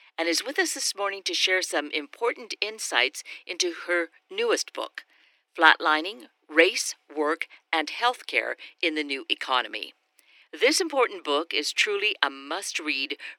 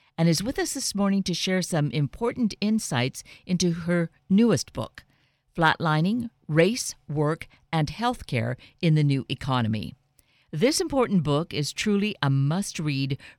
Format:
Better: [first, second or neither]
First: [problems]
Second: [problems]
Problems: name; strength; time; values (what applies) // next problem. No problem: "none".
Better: second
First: thin; very; fading below 300 Hz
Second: none